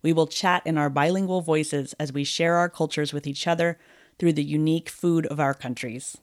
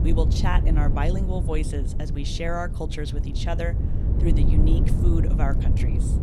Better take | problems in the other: first | wind noise on the microphone; heavy; 5 dB below the speech

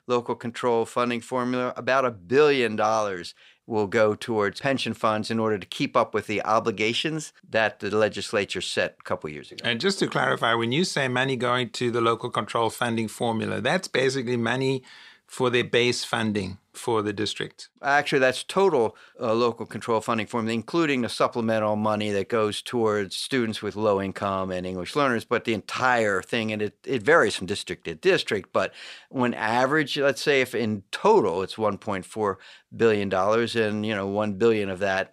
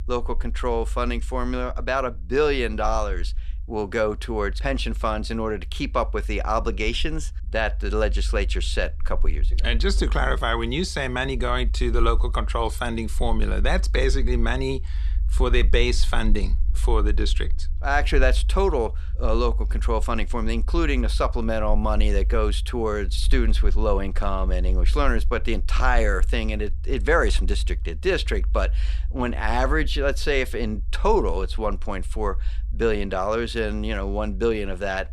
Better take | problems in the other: first | low rumble; faint; throughout; 25 dB below the speech

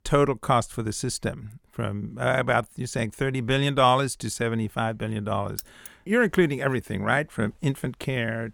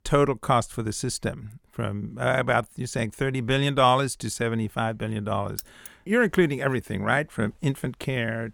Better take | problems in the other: neither | jangling keys; faint; at 5.5 s; peak 10 dB below the speech; the same in both

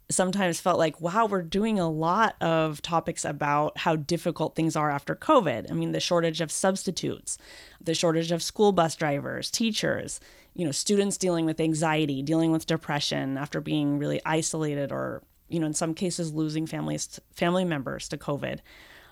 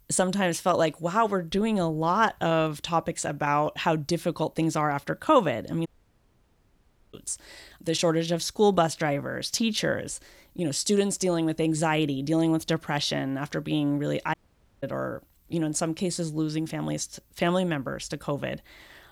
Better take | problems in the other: first | audio cutting out; at 6 s for 1.5 s and at 14 s

